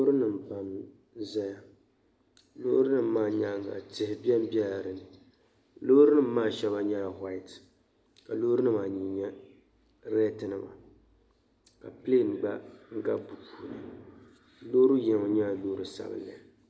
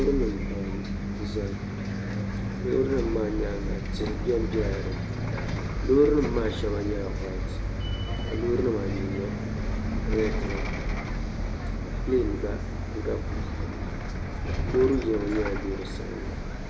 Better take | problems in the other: first | background sound (Bus); as loud as the speech

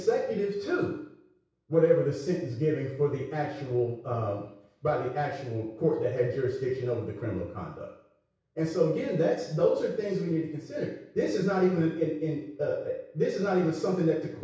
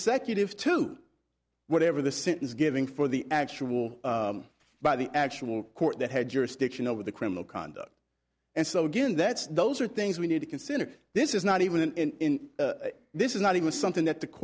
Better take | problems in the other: second | room echo; dies away in 0.6 s

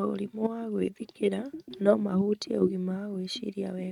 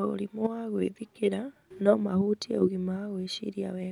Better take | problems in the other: second | noise reduction (neural mask model RNNoise)

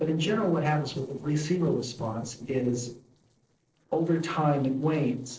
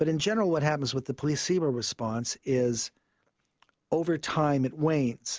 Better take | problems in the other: second | noise reduction (neural separator model SepFormer DNS4)

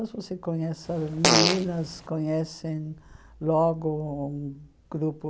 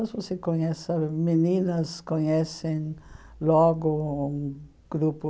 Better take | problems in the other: second | background sound (Fart); 3 dB above the speech

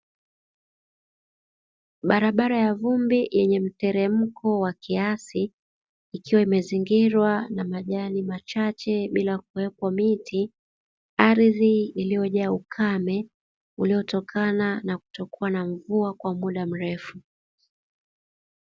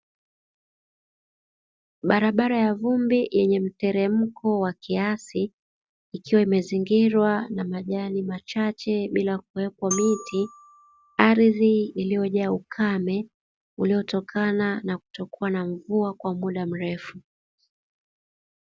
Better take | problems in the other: first | background sound (Glockenspiel); 15 dB below the speech

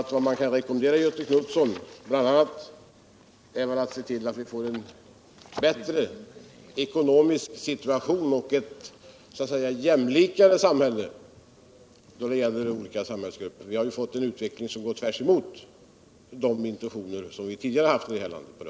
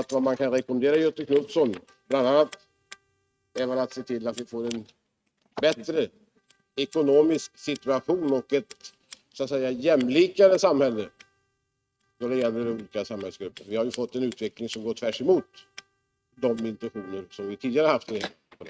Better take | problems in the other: first | noise reduction (neural mask model RNNoise)

